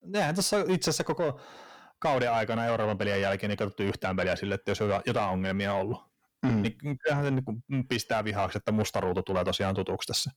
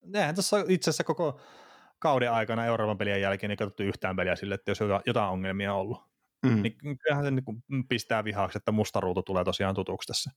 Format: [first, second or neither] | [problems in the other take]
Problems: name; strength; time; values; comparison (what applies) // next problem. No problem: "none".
second | distortion; slight; 10 dB below the speech